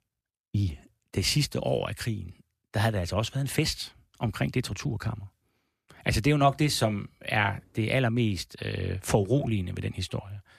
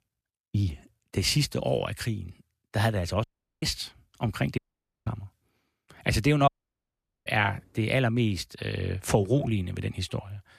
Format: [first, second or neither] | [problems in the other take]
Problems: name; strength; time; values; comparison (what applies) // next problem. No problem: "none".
first | audio cutting out; at 3 s, at 4.5 s and at 6.5 s for 1 s